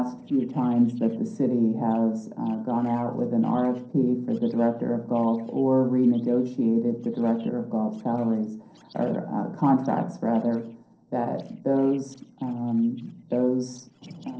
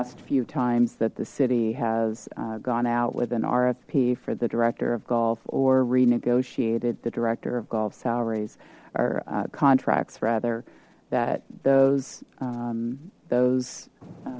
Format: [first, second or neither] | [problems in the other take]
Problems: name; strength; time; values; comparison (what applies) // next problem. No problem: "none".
second | noise reduction (neural separator model SepFormer DNS4)